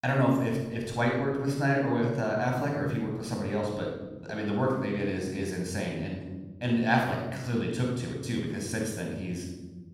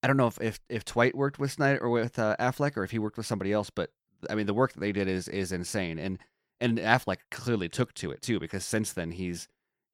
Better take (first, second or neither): second